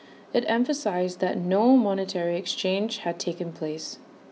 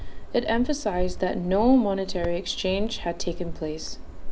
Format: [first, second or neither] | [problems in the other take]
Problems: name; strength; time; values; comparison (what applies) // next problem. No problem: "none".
first | background sound (Cricket); 4 dB below the speech